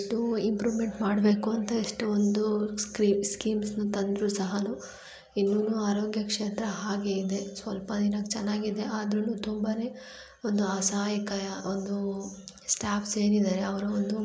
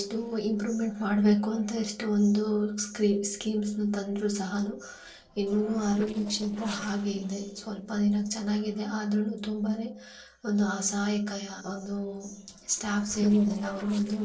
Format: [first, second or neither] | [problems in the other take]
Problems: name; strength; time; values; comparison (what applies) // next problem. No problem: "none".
first | noise reduction (neural separator model SepFormer DNS4)